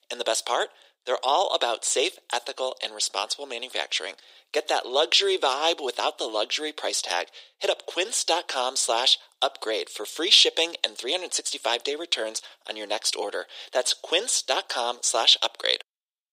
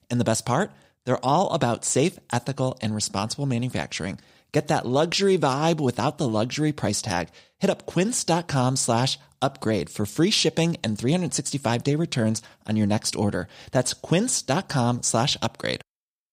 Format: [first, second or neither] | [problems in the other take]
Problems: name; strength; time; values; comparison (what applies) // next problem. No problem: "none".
second | thin; very; fading below 400 Hz